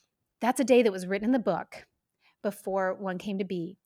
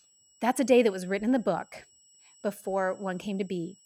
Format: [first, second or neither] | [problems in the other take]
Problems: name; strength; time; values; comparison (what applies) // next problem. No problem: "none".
first | high-pitched whine; faint; throughout; 8 kHz, 30 dB below the speech